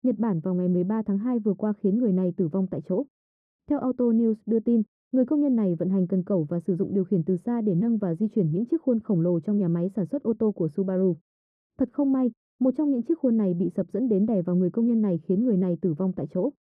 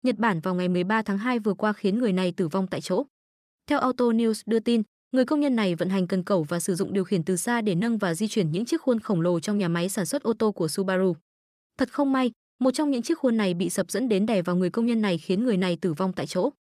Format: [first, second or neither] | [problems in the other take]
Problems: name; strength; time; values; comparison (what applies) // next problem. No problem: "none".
second | muffled; very; fading above 1.5 kHz